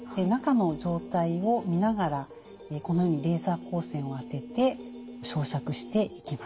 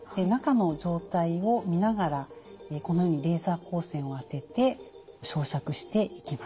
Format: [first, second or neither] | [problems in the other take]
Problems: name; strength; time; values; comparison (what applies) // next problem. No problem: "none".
second | background sound (Telephone); 15 dB below the speech